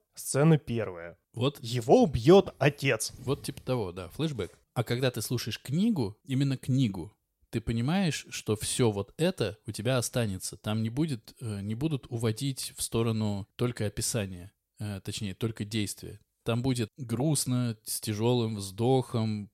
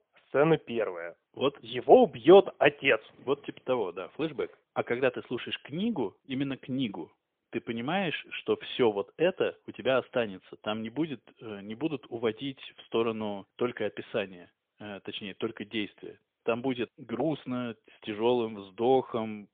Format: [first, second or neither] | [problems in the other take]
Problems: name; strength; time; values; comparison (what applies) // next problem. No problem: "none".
first | phone-call audio; poor line; nothing above 3.5 kHz